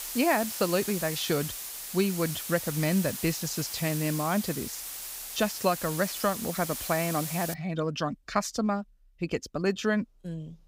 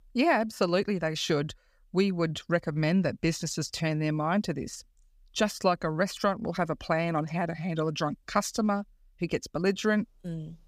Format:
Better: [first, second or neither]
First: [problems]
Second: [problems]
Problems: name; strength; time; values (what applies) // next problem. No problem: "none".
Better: second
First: hiss; loud; until 7.5 s; 5 dB below the speech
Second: none